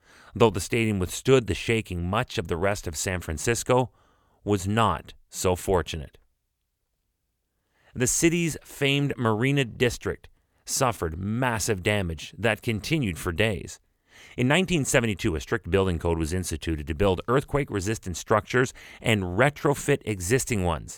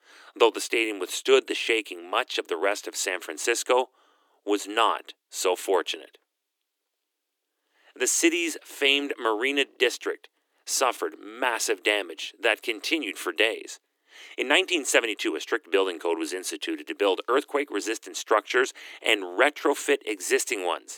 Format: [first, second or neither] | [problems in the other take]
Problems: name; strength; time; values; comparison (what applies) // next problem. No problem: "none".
first | thin; somewhat; fading below 300 Hz